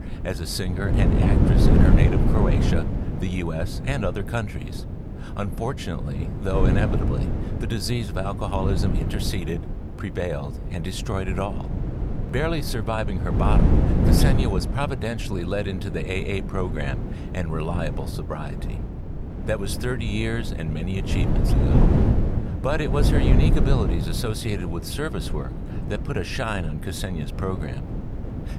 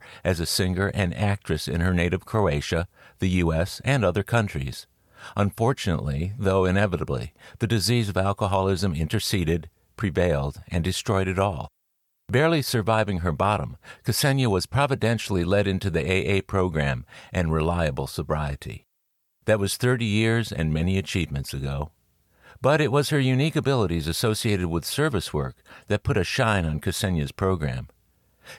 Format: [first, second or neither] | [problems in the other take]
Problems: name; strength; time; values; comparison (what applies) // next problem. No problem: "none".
second | wind noise on the microphone; heavy; 3 dB below the speech